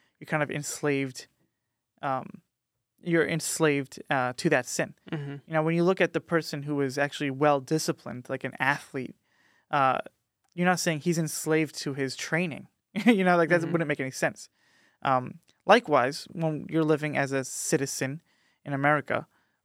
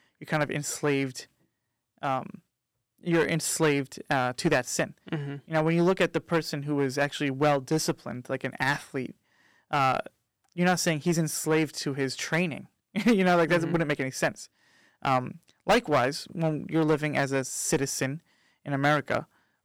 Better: first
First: none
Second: distortion; slight; 3% of the sound clipped

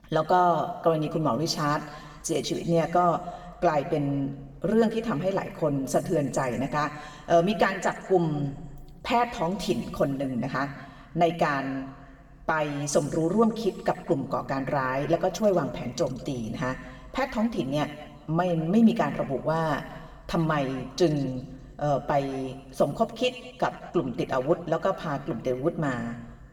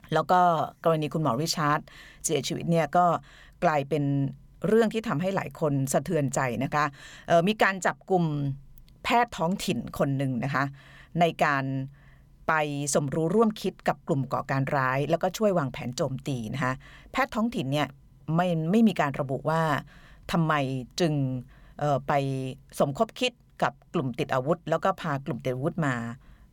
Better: second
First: room echo; slight; dies away in 1.4 s // off-mic speech; somewhat distant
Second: none

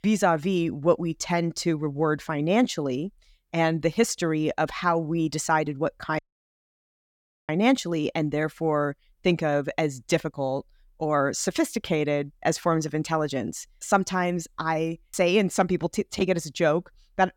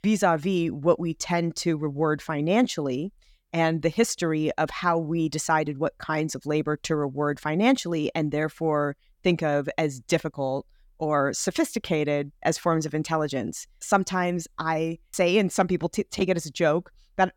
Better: second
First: audio cutting out; at 6 s for 1.5 s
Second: none

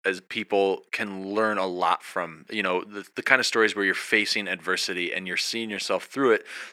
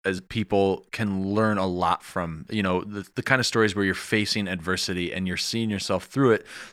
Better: second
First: thin; somewhat; fading below 350 Hz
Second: none

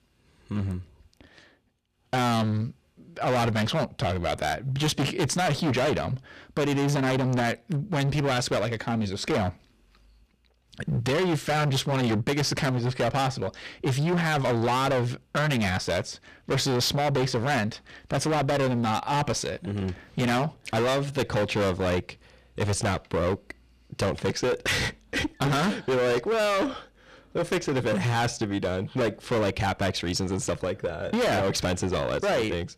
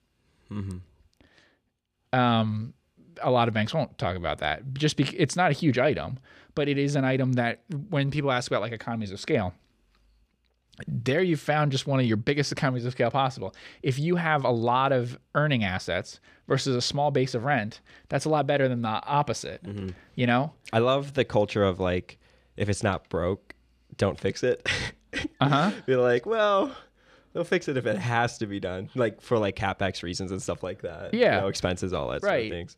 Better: second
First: distortion; heavy; 22% of the sound clipped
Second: none

